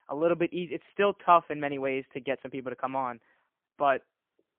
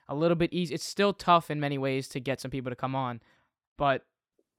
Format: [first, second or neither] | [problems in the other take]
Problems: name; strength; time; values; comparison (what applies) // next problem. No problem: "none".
second | phone-call audio; poor line; nothing above 3 kHz